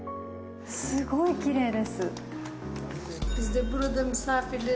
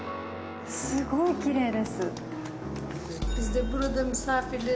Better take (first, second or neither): first